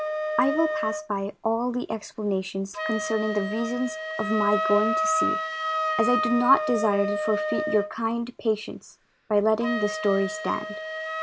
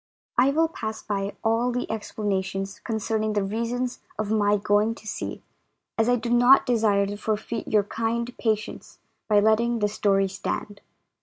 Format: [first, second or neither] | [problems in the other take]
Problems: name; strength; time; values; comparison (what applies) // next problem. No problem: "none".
second | background sound (Wind instrument, woodwind instrument); 3 dB below the speech